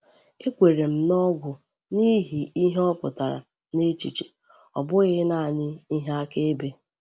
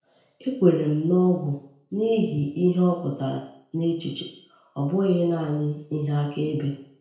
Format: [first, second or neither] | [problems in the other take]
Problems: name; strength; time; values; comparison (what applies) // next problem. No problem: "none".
first | room echo; dies away in 0.5 s